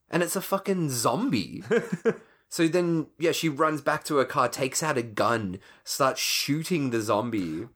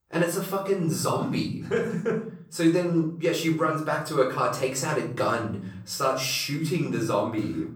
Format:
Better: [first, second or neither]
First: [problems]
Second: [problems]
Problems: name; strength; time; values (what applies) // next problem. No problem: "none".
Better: first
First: none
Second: off-mic speech; far // room echo; slight; dies away in 0.7 s